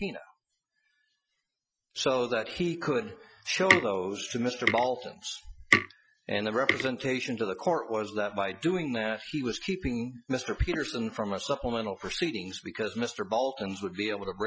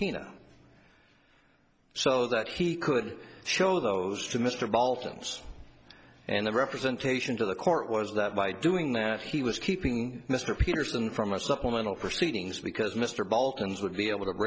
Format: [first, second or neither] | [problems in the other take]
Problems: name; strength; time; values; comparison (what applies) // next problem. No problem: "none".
second | noise reduction (classical method Wiener filter)